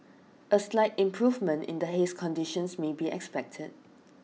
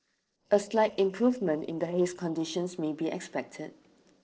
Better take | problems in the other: first | noise reduction (neural separator model SepFormer DNS4)

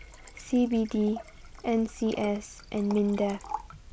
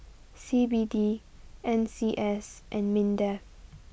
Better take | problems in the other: second | background sound (Liquid); 16 dB below the speech

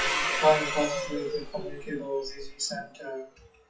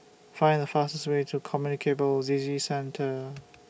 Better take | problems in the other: second | noise reduction (classical method WPE with log-MMSE)

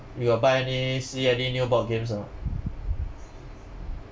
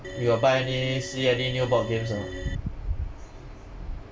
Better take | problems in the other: first | background sound (Organ); 11 dB below the speech

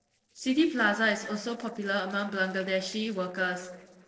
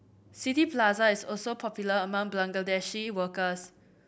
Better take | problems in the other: second | noise reduction (neural separator model SepFormer DNS4)

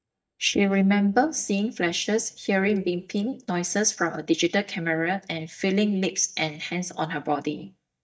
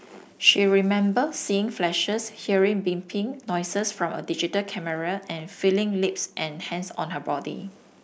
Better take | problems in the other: second | noise reduction (neural mask model DeepFilterNet 3)

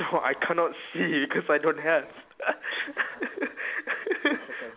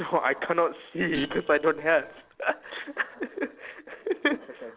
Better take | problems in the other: first | noise reduction (neural separator model SepFormer DNS4)

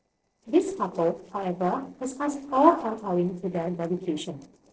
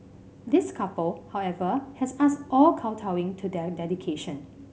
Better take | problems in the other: second | noise reduction (neural separator model SepFormer DNS4)

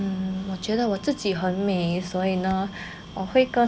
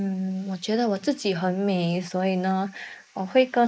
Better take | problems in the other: first | noise reduction (neural mask model Resemble Enhance denoiser)

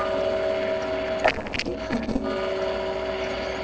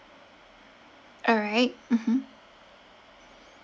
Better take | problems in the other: second | noise reduction (neural separator model SepFormer DNS4)

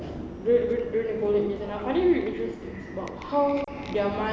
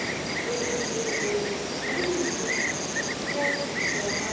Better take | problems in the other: first | background sound (Insect); 4 dB above the speech // room echo; dies away in 1.1 s

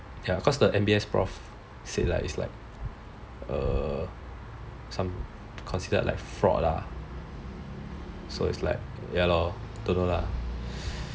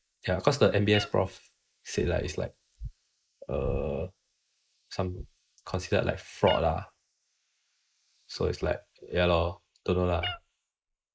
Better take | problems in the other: first | noise reduction (neural mask model Resemble Enhance denoiser)

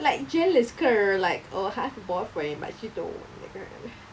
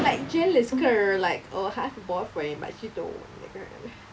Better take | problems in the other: first | background sound (Fireworks + Bowed string instrument); 11 dB below the speech

